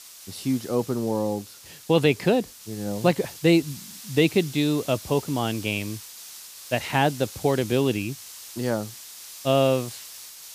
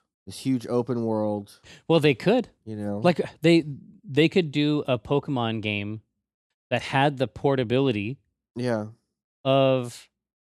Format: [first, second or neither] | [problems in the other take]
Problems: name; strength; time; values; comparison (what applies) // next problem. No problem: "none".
second | hiss; noticeable; throughout; 15 dB below the speech